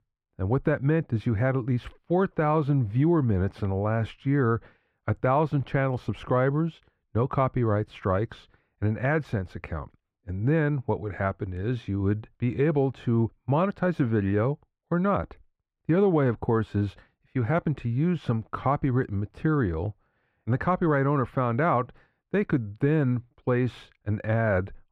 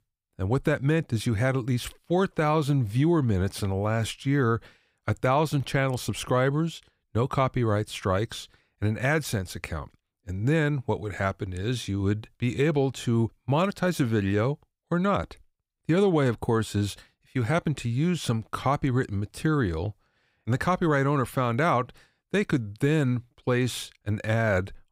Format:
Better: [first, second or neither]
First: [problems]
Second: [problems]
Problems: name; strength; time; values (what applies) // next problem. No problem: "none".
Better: second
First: muffled; very; fading above 4 kHz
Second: none